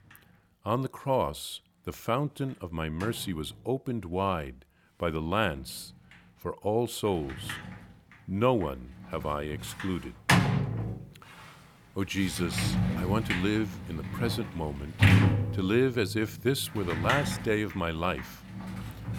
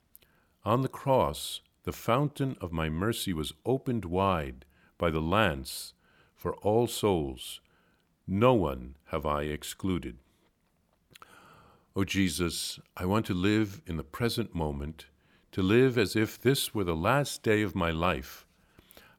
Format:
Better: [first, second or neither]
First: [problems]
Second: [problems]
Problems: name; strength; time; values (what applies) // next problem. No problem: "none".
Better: second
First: household noises; very loud; throughout; 1 dB above the speech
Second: none